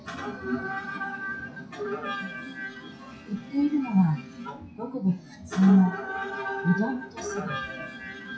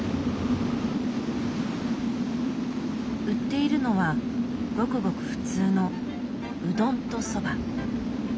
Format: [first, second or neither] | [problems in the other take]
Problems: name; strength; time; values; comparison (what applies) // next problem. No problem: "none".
second | noise reduction (classical method WPE with log-MMSE)